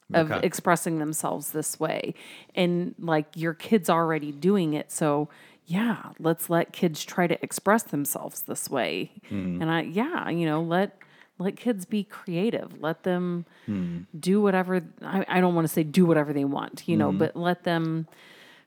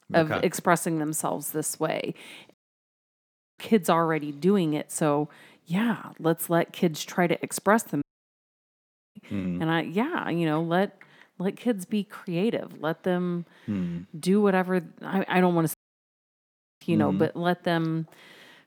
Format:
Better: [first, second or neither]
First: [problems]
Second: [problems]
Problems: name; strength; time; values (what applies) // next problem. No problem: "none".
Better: first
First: none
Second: audio cutting out; at 2.5 s for 1 s, at 8 s for 1 s and at 16 s for 1 s